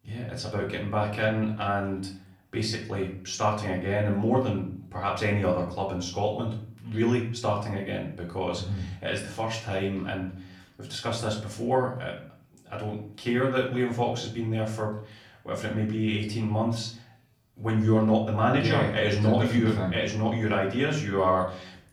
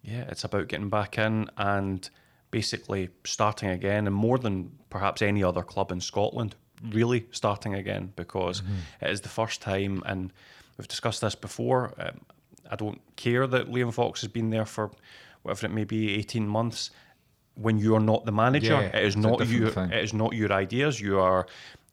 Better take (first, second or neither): second